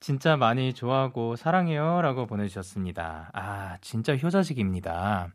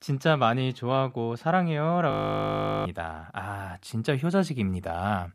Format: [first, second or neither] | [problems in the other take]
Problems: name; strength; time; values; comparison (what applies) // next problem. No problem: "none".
first | audio freezing; at 2 s for 0.5 s